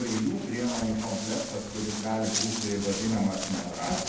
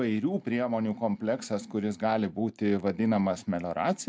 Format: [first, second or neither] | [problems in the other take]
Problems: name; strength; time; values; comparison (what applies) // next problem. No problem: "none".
second | background sound (Walk, footsteps); 6 dB below the speech // room echo; dies away in 0.8 s